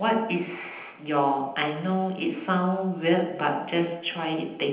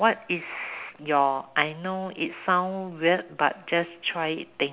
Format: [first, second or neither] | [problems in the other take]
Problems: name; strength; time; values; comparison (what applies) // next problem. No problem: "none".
second | room echo; dies away in 0.9 s